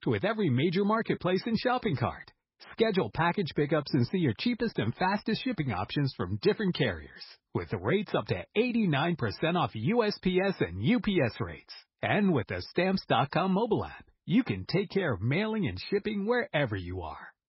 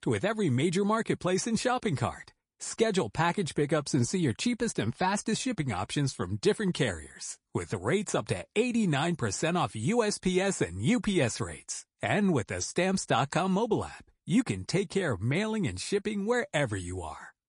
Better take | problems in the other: second | garbled, watery; badly; nothing above 5.5 kHz; slightly in the second

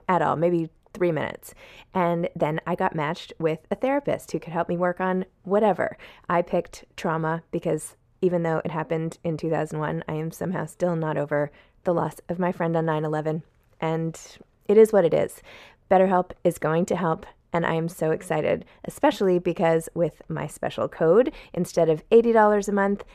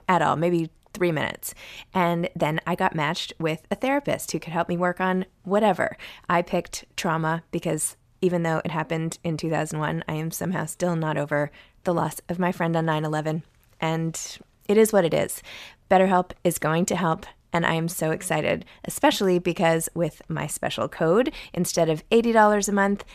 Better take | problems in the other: second | muffled; slightly; fading above 2.5 kHz

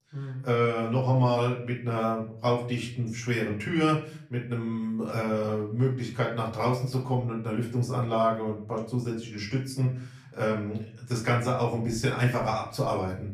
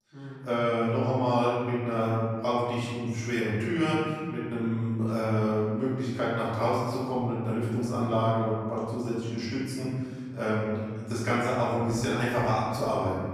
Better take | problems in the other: first | room echo; strong; dies away in 1.8 s; slight in the first // off-mic speech; far; far in the first

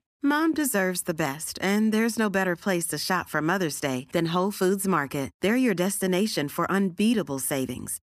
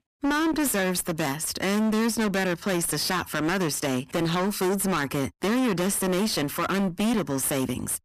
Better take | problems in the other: first | distortion; heavy; 31% of the sound clipped

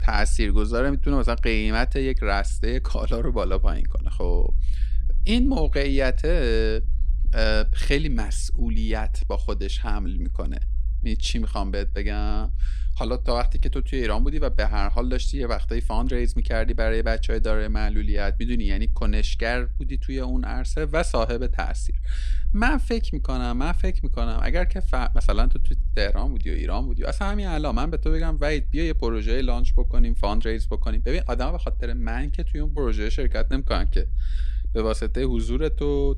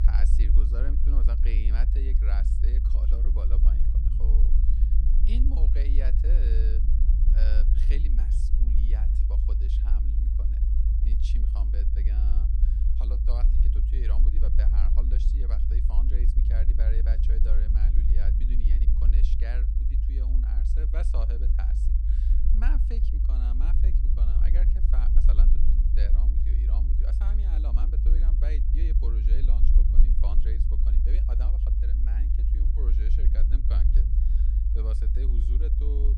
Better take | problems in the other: first | low rumble; loud; throughout; as loud as the speech; faint in the first

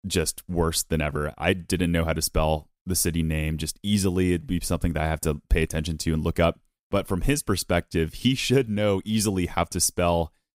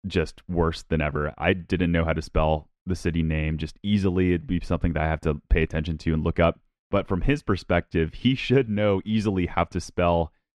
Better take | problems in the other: first | muffled; slightly; fading above 2.5 kHz

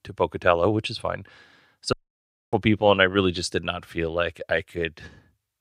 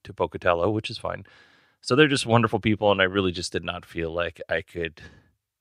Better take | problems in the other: second | audio cutting out; at 2 s for 0.5 s

